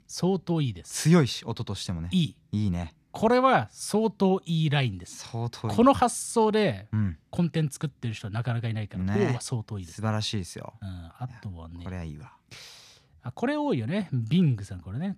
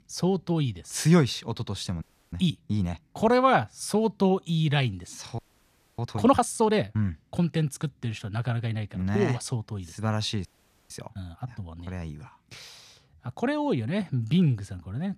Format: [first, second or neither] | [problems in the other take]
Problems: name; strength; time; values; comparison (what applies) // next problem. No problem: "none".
first | audio freezing; at 2 s, at 5.5 s for 0.5 s and at 10 s